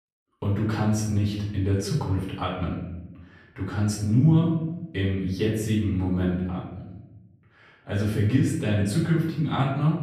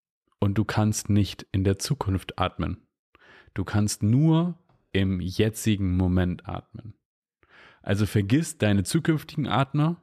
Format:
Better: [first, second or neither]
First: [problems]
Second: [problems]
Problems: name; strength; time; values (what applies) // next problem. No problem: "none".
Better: second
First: off-mic speech; far // room echo; noticeable; dies away in 0.9 s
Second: none